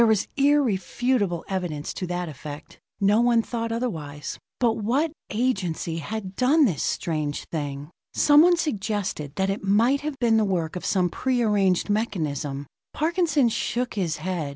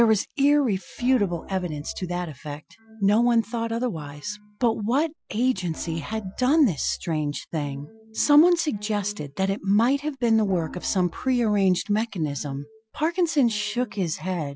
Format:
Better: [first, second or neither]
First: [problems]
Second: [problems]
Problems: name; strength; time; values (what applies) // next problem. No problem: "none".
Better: first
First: none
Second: noise reduction (classical method Wiener filter)